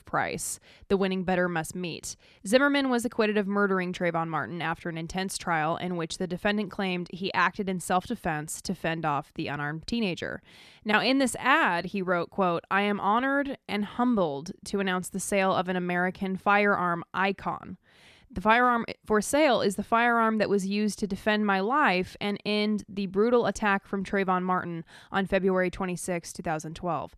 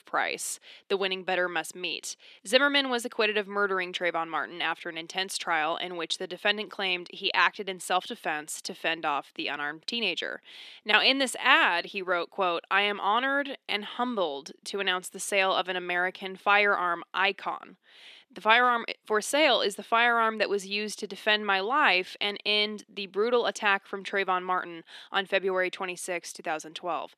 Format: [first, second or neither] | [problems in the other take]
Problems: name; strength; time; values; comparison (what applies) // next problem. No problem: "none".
first | thin; somewhat; fading below 300 Hz